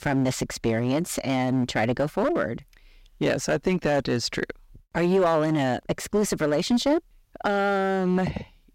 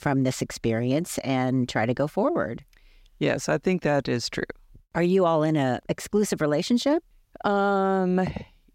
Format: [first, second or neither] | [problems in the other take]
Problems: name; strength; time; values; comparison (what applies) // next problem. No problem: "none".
second | distortion; slight; 6% of the sound clipped